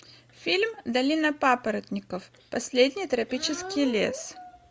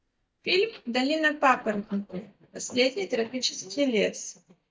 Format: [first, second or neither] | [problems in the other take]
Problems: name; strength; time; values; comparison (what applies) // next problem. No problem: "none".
first | noise reduction (neural mask model DeepFilterNet 3)